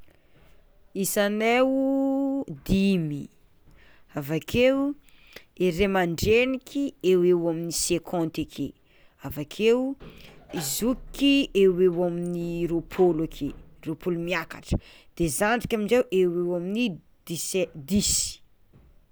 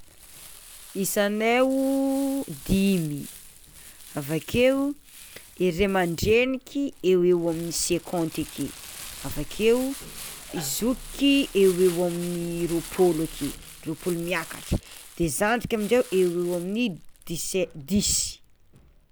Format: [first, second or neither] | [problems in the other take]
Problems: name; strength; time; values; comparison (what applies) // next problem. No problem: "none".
first | background sound (Crumpling, crinkling); 17 dB below the speech